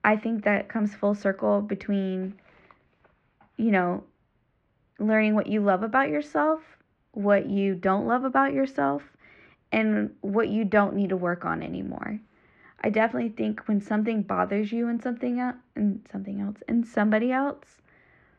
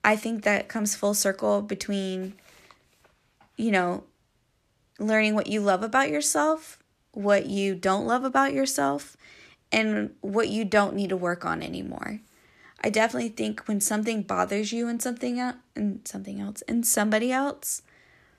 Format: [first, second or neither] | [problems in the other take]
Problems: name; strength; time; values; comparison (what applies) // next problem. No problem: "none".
second | muffled; very; fading above 2.5 kHz